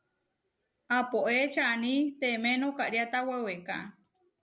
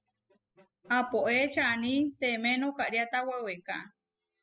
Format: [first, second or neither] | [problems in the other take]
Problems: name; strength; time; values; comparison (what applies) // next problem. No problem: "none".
first | noise reduction (classical method spectral subtraction)